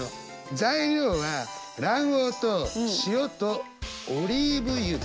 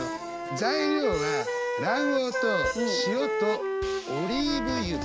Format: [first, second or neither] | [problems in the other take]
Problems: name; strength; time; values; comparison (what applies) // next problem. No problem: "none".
first | background sound (Wind instrument, woodwind instrument); as loud as the speech